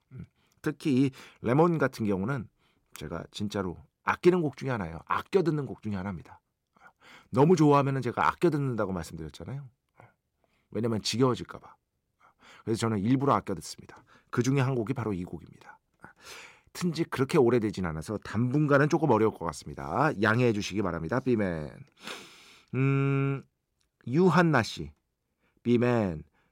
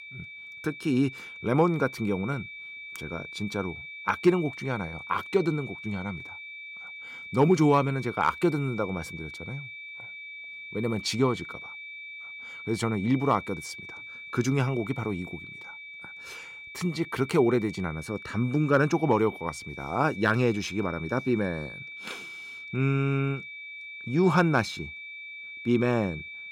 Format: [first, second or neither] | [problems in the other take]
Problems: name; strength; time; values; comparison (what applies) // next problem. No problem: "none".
first | high-pitched whine; noticeable; throughout; 2.5 kHz, 10 dB below the speech